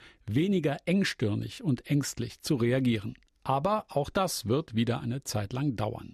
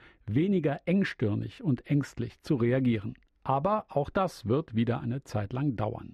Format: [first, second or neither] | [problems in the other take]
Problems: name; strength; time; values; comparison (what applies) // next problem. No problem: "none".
first | muffled; slightly; fading above 3.5 kHz